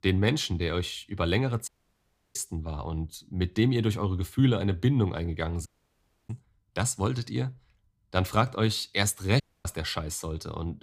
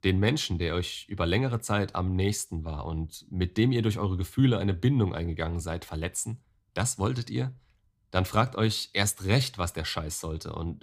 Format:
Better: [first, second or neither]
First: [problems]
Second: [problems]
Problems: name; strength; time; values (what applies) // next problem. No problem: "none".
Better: second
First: audio cutting out; at 1.5 s for 0.5 s, at 5.5 s for 0.5 s and at 9.5 s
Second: none